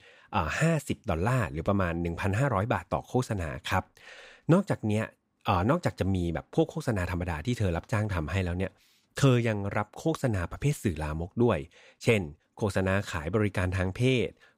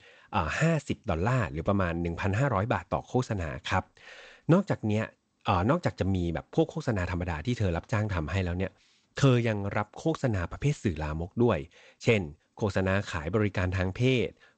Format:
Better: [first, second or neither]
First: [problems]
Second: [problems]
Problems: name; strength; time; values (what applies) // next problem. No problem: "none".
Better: first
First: none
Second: garbled, watery; slightly; nothing above 8 kHz